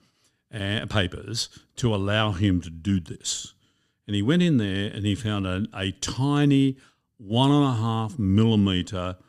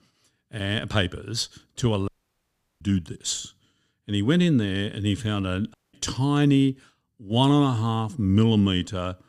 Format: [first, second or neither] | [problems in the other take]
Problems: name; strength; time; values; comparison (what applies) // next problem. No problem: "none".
first | audio cutting out; at 2 s for 0.5 s and at 5.5 s